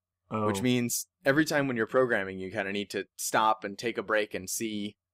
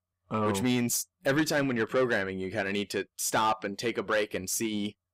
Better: first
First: none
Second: distortion; slight; 10 dB below the speech

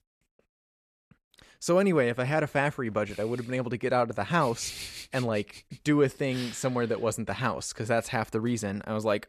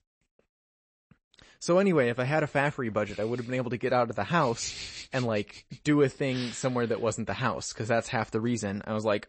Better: first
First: none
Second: garbled, watery; slightly; nothing above 8 kHz

